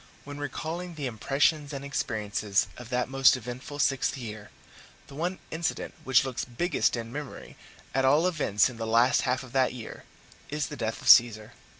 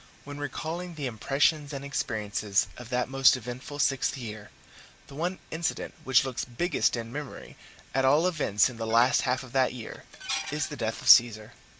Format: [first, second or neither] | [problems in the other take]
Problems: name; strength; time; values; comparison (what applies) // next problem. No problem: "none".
first | background sound (Dishes, pots, and pans); 12 dB below the speech